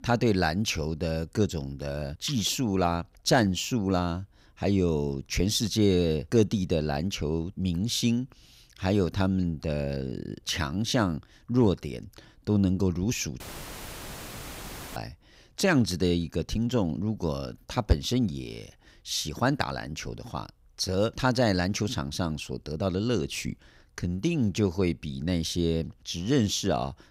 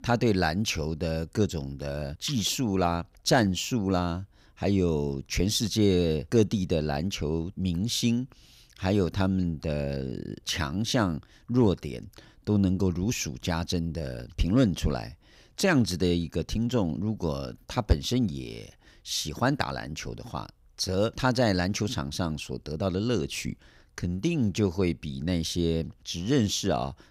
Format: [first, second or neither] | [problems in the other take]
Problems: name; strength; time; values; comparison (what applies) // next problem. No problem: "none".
second | audio cutting out; filled with static; at 13 s for 1.5 s